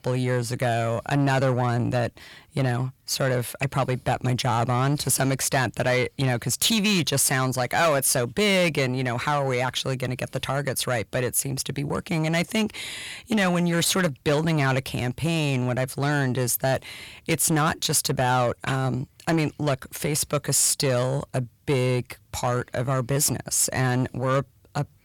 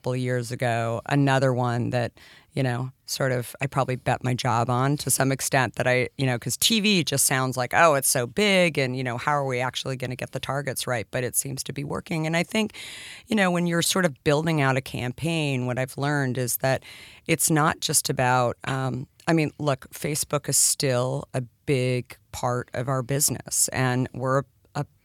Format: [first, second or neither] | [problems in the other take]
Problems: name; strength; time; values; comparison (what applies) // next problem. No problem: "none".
second | distortion; slight; 10 dB below the speech